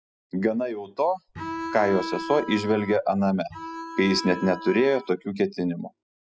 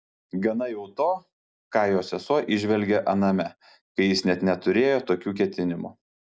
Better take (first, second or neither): second